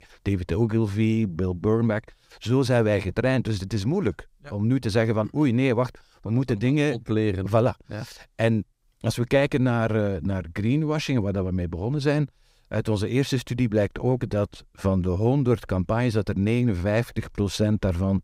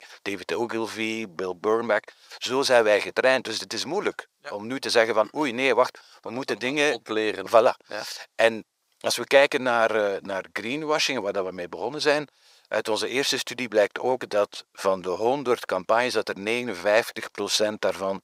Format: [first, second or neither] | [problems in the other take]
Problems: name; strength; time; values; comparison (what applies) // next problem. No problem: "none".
first | thin; very; fading below 650 Hz